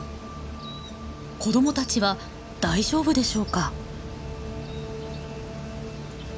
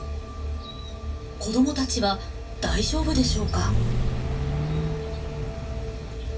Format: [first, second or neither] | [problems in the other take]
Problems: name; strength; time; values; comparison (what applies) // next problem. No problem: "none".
first | background sound (Vehicle); 1 dB below the speech // room echo; dies away in 0.2 s